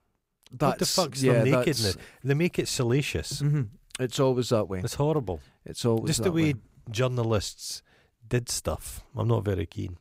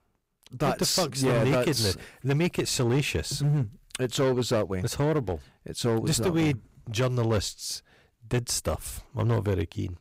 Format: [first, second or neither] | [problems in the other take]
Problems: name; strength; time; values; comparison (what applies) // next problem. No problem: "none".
first | distortion; slight; 9% of the sound clipped